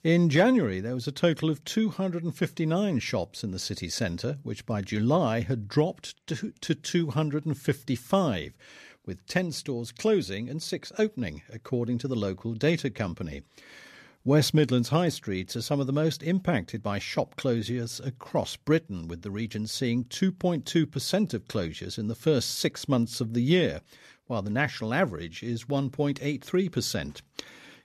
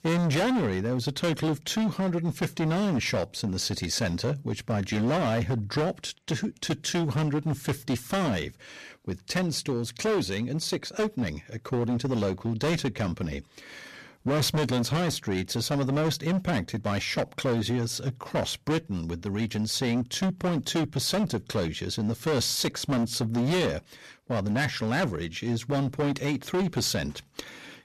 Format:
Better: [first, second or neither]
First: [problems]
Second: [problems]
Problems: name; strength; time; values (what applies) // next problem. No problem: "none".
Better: first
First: none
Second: distortion; heavy; 17% of the sound clipped